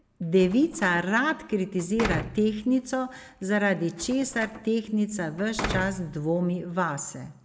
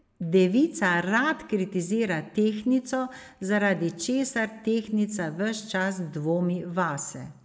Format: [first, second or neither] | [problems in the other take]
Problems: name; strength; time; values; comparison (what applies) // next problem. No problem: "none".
second | background sound (Slam); 12 dB below the speech